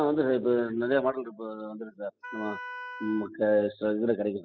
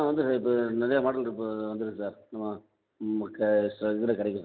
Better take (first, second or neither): second